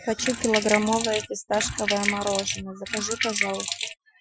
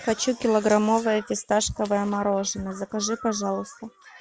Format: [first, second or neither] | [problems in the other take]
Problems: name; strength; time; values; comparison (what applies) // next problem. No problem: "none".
second | noise reduction (classical method Wiener filter)